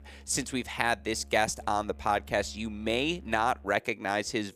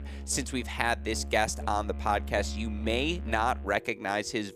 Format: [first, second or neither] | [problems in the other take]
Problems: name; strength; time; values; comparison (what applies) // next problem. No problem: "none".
first | background music; loud; throughout; 9 dB below the speech; faint in the first